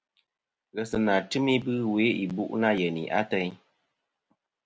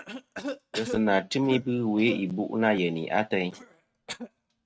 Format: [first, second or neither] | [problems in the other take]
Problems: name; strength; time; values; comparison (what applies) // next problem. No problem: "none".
first | noise reduction (neural mask model RNNoise)